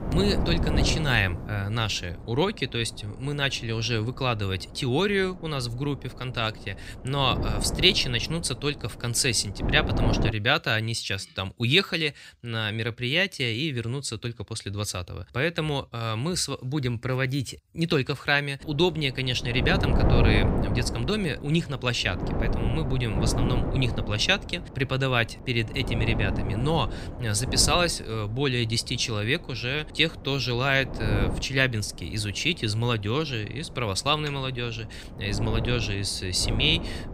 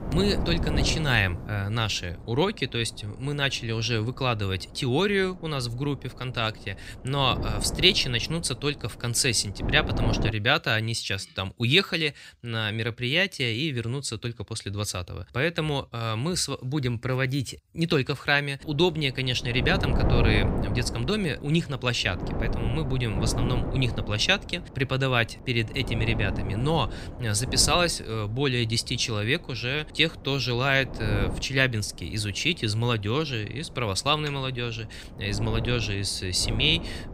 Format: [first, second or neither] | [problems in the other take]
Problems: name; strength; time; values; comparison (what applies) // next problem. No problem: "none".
second | wind noise on the microphone; heavy; until 10 s and from 19 s on; 9 dB below the speech; occasional gusts in the second